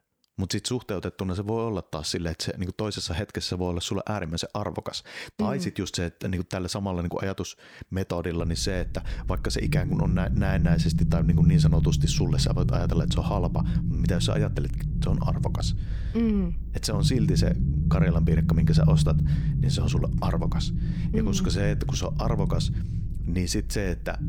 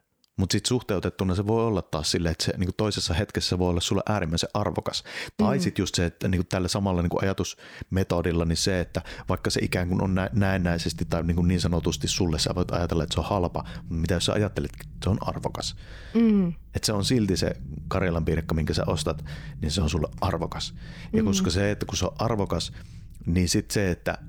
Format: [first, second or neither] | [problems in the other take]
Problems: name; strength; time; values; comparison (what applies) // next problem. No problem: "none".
second | low rumble; loud; from 8.5 s on; 4 dB below the speech; faint in the second